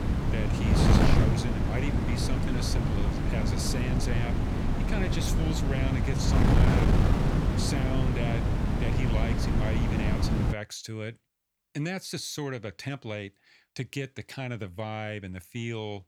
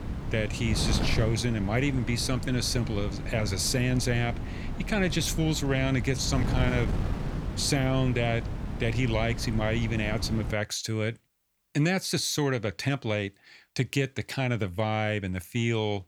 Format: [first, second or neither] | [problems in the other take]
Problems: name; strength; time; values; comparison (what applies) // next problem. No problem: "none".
second | wind noise on the microphone; heavy; until 11 s; 3 dB above the speech; occasional gusts in the second